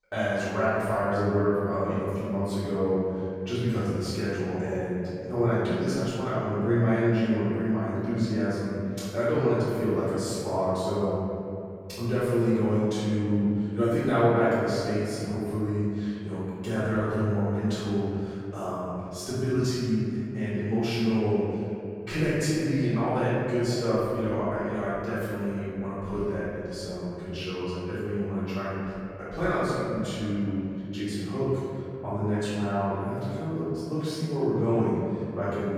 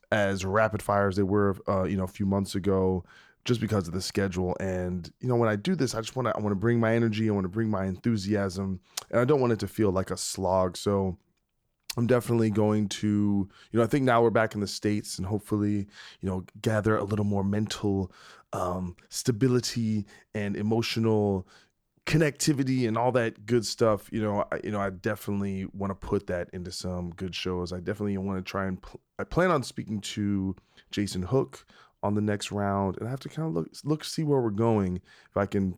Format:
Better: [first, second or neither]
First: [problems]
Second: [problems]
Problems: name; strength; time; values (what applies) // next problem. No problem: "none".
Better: second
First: off-mic speech; far // room echo; strong; dies away in 2.8 s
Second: none